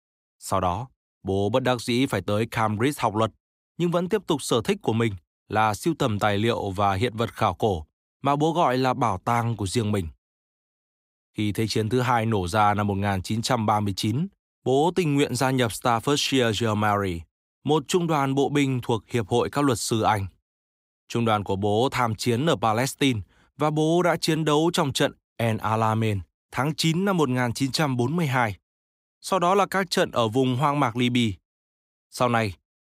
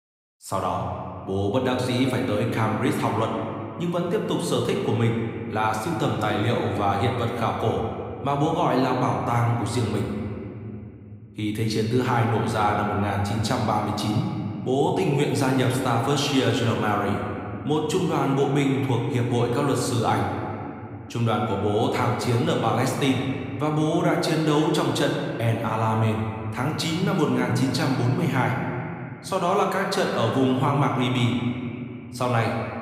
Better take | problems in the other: first | room echo; noticeable; dies away in 2.5 s // off-mic speech; somewhat distant

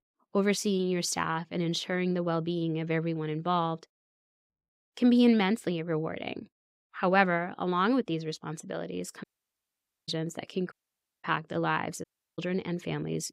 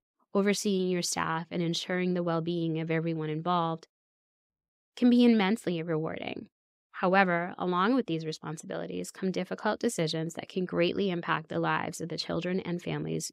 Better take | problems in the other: second | audio cutting out; at 9 s for 1 s, at 11 s for 0.5 s and at 12 s

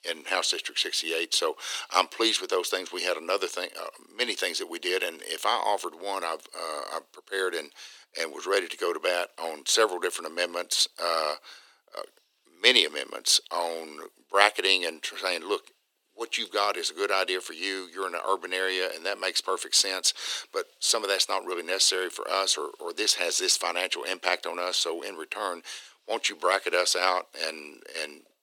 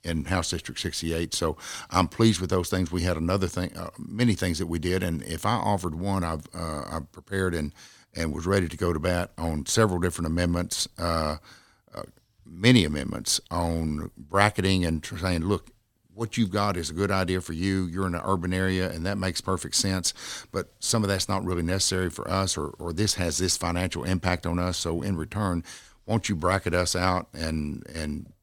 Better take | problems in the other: second | thin; very; fading below 350 Hz

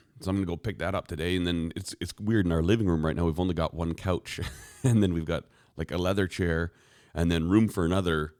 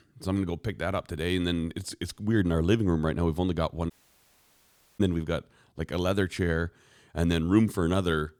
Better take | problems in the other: first | audio cutting out; at 4 s for 1 s

